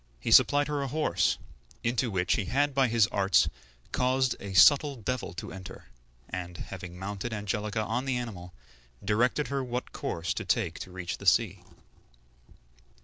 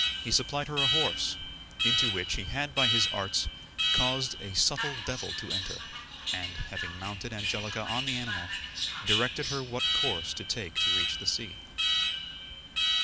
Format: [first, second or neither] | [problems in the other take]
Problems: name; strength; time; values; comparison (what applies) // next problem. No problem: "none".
first | background sound (Alarm); 3 dB above the speech